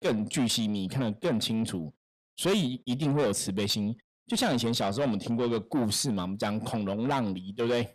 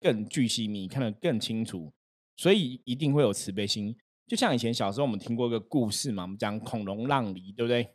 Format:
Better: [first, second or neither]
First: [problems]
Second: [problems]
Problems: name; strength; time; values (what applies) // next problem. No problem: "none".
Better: second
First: distortion; heavy; 7 dB below the speech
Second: none